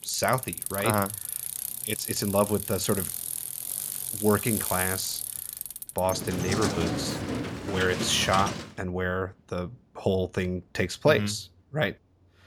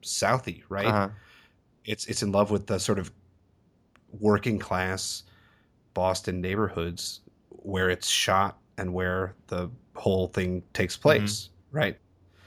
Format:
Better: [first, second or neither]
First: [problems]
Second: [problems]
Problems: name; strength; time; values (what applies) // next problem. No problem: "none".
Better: second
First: traffic noise; loud; until 8.5 s; 3 dB below the speech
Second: none